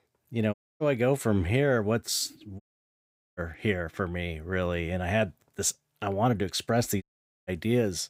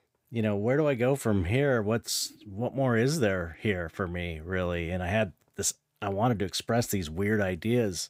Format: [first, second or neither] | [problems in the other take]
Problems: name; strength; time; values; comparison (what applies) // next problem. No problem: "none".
second | audio cutting out; at 0.5 s, at 2.5 s for 1 s and at 7 s